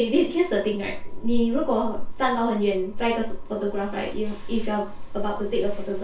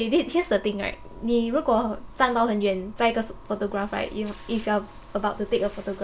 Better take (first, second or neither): second